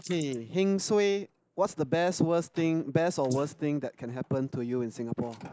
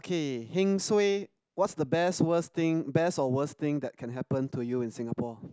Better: second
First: noise reduction (neural mask model Resemble Enhance denoiser)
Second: none

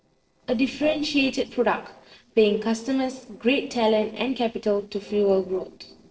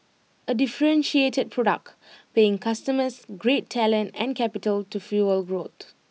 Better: second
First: noise reduction (neural separator model SepFormer DNS4)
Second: none

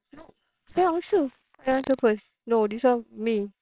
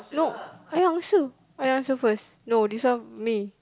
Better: second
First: noise reduction (neural separator model SepFormer WHAMR!)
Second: none

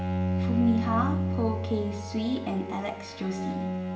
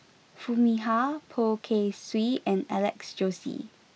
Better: second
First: background sound (Bowed string instrument); as loud as the speech // room echo; dies away in 0.8 s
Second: none

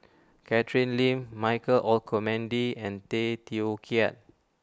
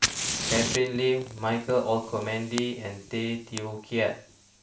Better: first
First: none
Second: background sound (Fire); 6 dB below the speech // room echo; dies away in 0.3 s

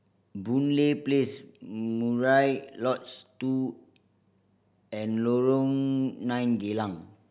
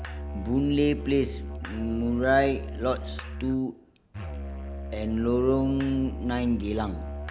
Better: first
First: none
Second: background sound (Musical instrument); 7 dB below the speech

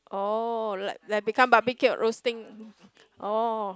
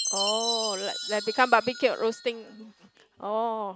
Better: first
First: none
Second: background sound (Chime); 7 dB below the speech

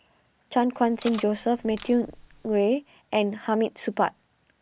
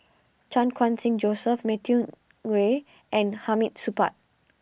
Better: second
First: background sound (Cutlery, silverware); 19 dB below the speech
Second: none

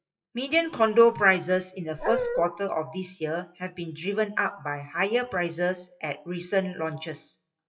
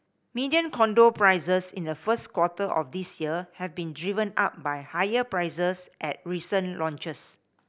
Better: second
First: noise reduction (classical method WPE with log-MMSE)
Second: none

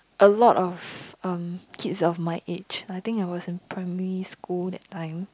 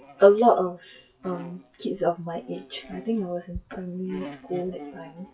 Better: first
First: none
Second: noise reduction (classical method WPE with log-MMSE)

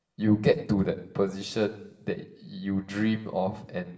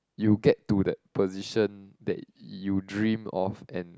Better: second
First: room echo; dies away in 0.8 s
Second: none

